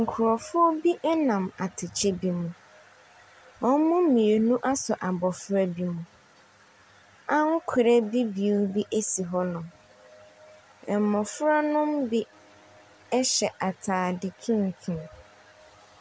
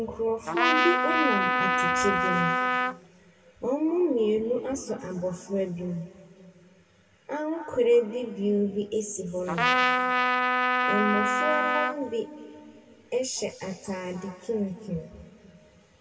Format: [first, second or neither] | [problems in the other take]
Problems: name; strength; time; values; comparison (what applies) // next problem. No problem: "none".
first | background sound (Trumpet); 4 dB above the speech // room echo; dies away in 2.4 s